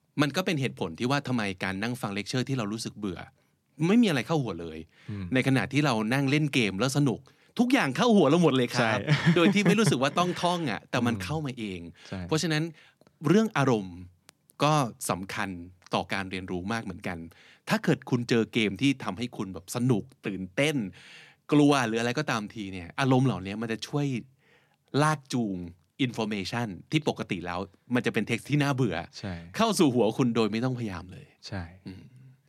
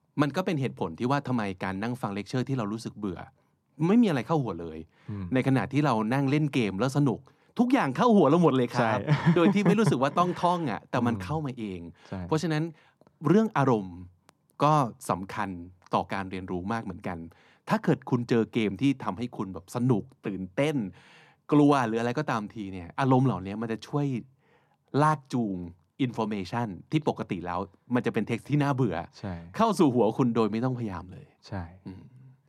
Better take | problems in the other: first | muffled; slightly; fading above 1.5 kHz

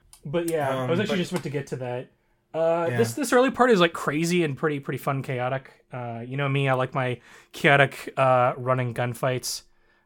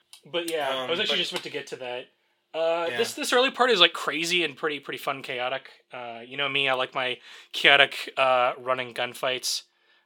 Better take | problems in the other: first | thin; somewhat; fading below 350 Hz

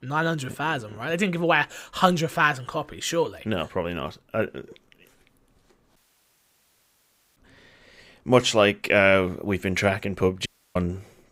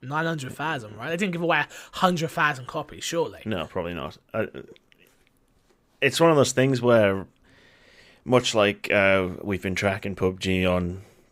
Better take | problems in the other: second | audio cutting out; at 6 s for 1.5 s and at 10 s

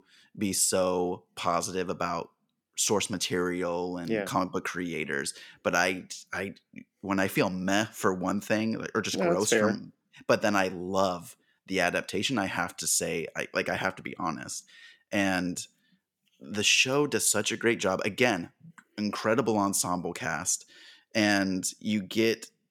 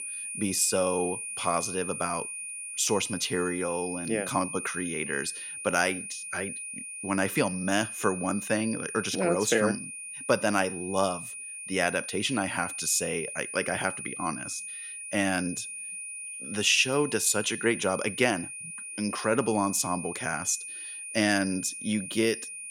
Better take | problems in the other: first | high-pitched whine; loud; throughout; 9.5 kHz, 7 dB below the speech

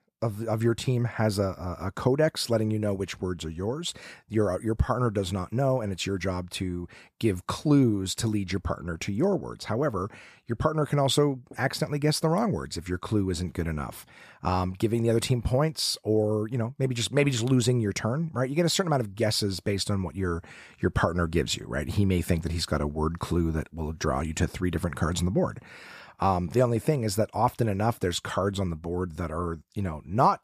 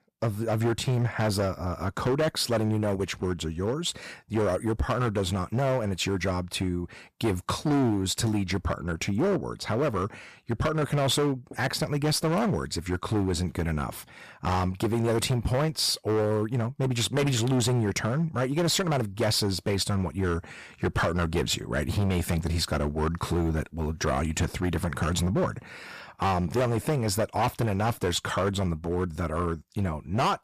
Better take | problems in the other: first | distortion; heavy; 13% of the sound clipped

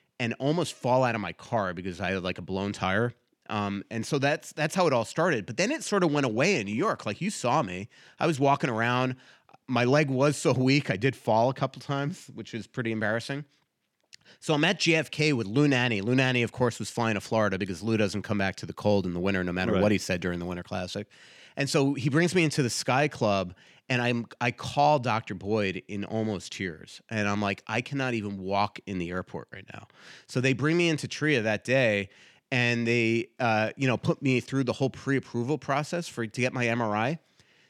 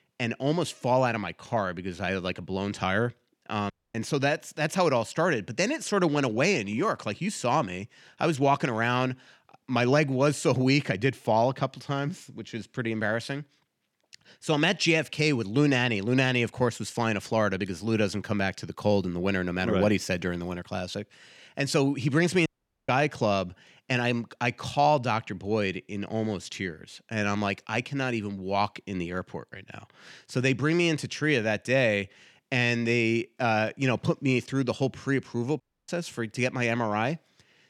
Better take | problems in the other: first | audio cutting out; at 3.5 s, at 22 s and at 36 s

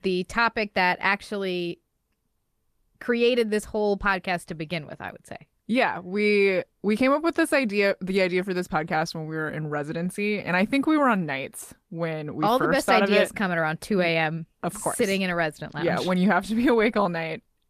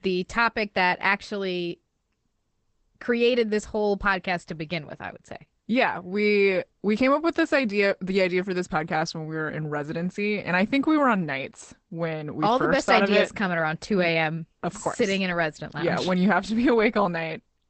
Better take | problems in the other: first | garbled, watery; badly; nothing above 8 kHz; slightly in the first

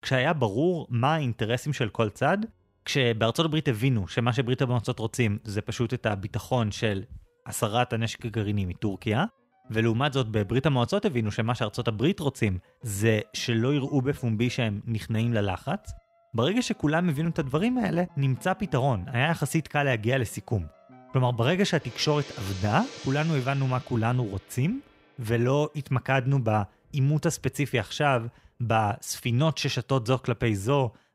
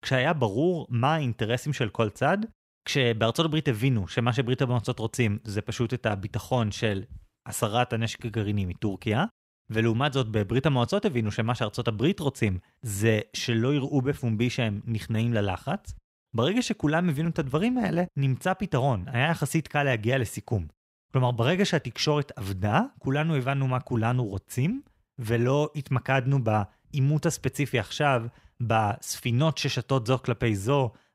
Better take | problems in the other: second | background music; faint; throughout; 20 dB below the speech

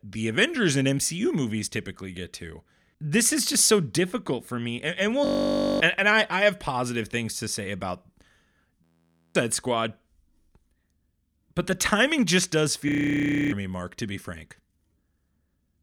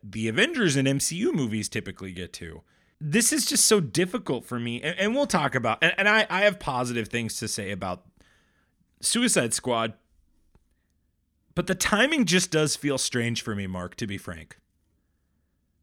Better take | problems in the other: second | audio freezing; at 5.5 s for 0.5 s, at 9 s for 0.5 s and at 13 s for 0.5 s

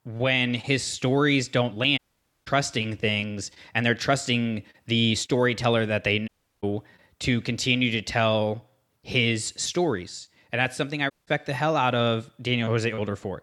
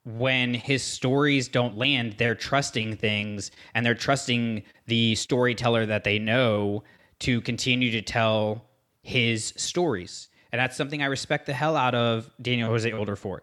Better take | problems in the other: second | audio cutting out; at 2 s, at 6.5 s and at 11 s

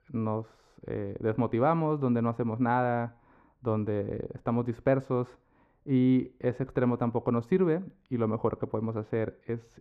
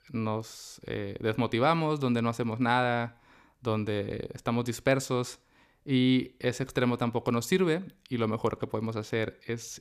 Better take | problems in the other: second | muffled; very; fading above 2.5 kHz

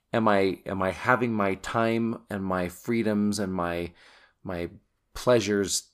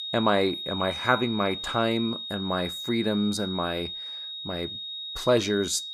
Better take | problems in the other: first | high-pitched whine; loud; throughout; 4 kHz, 6 dB below the speech

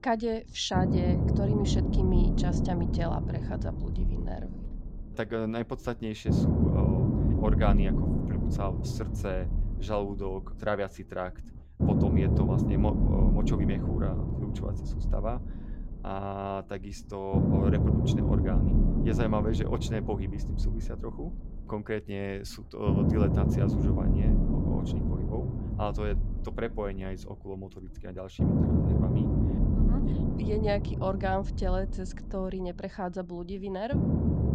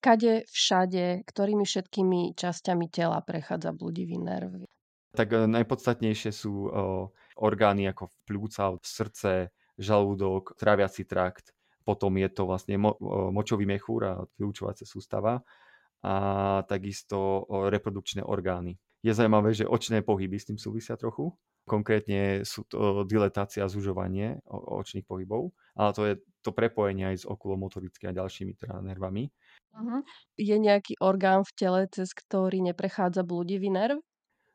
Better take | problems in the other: second | low rumble; loud; throughout; 1 dB below the speech

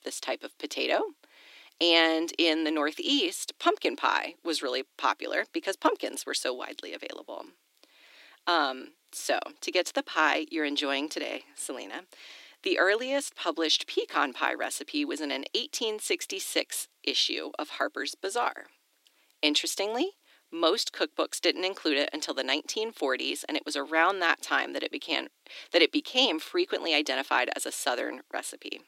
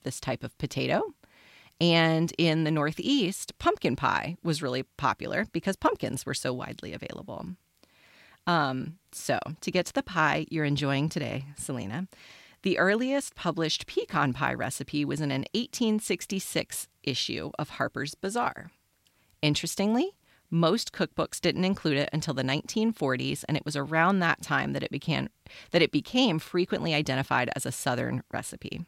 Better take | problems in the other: second | thin; somewhat; fading below 300 Hz

